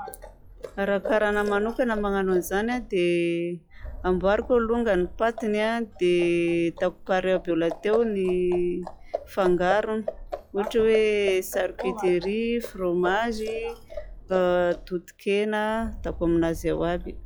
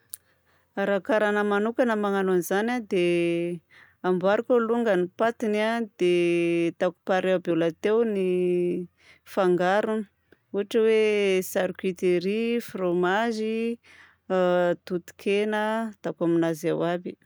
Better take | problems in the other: second | noise reduction (classical method log-MMSE)

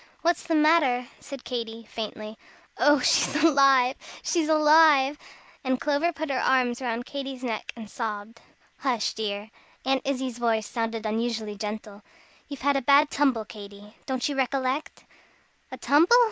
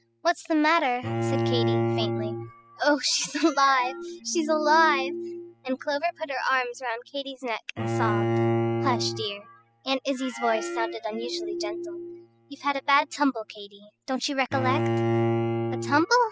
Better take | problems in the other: first | noise reduction (classical method spectral subtraction)

